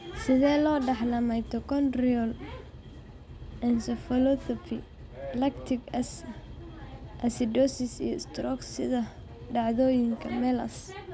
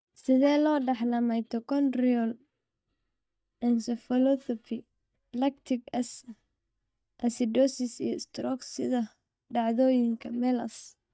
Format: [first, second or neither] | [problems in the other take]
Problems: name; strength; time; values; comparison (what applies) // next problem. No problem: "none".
first | noise reduction (neural mask model DeepFilterNet 3)